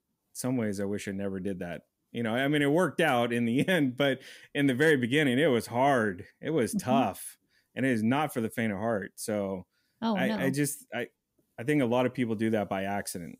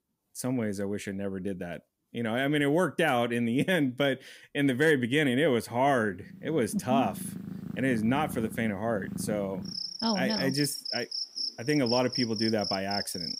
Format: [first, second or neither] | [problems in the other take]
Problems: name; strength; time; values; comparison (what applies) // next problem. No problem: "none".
first | animal sounds; loud; from 6.5 s on; 6 dB below the speech